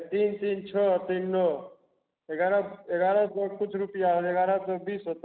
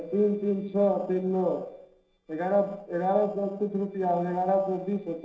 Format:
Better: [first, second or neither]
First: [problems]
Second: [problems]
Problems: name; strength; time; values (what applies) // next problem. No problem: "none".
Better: first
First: none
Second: noise reduction (neural separator model SepFormer DNS4)